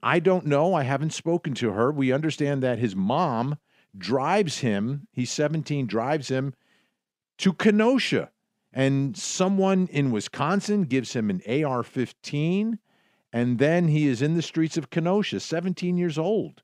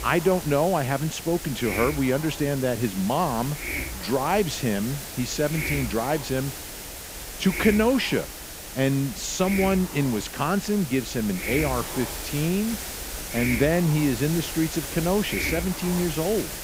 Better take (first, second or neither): first